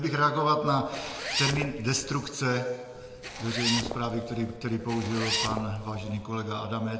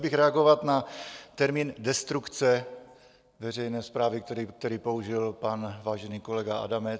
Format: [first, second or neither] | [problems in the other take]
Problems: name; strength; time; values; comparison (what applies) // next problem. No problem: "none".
second | background sound (Zipper (clothing)); 6 dB below the speech // room echo; dies away in 1.7 s